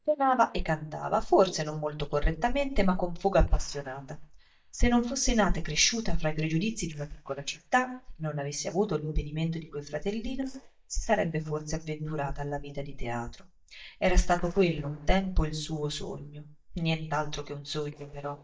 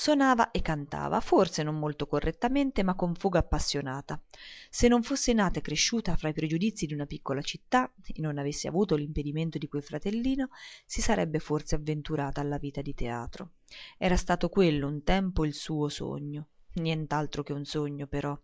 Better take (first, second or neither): second